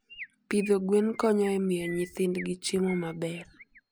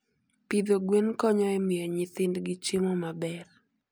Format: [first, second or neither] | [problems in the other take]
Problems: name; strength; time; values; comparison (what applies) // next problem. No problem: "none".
second | background sound (Chirp, tweet); 19 dB below the speech